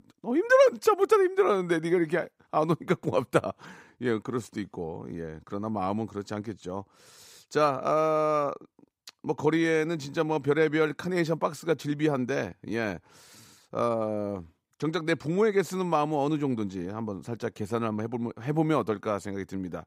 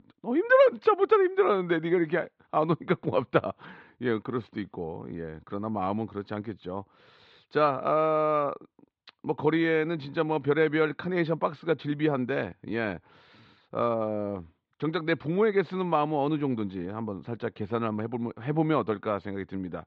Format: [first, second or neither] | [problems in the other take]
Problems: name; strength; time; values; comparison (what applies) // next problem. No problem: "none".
first | muffled; slightly; fading above 3.5 kHz